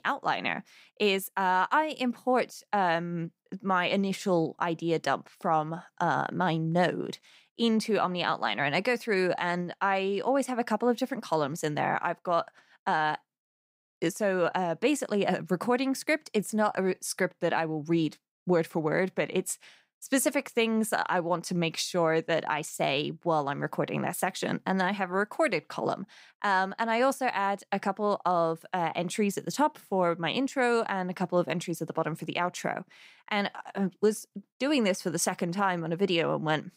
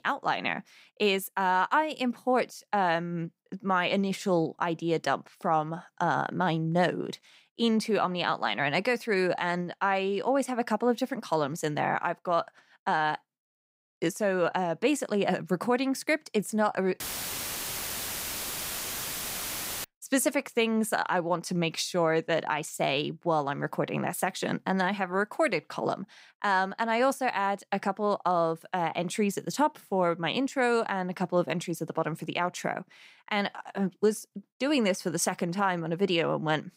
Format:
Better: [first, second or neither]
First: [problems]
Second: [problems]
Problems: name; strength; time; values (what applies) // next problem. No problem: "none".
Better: first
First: none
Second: audio cutting out; filled with static; at 17 s for 3 s